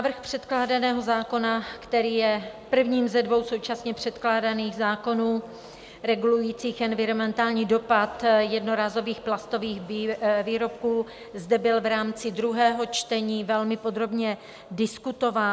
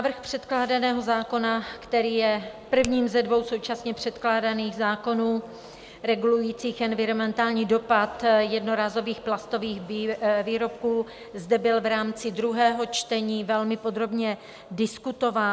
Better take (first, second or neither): first